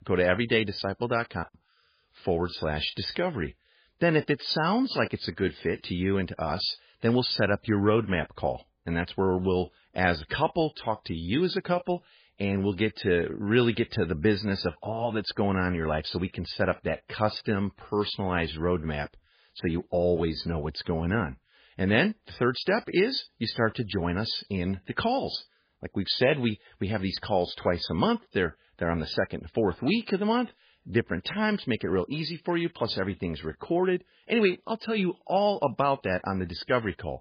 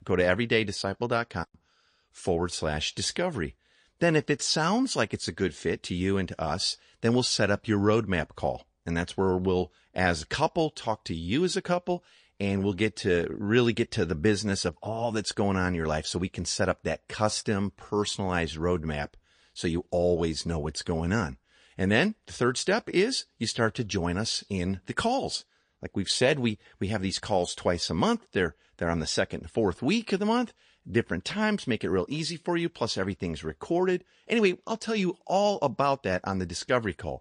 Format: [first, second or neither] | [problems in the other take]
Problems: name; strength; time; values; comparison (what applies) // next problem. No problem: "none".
second | garbled, watery; badly; nothing above 4.5 kHz; slightly in the second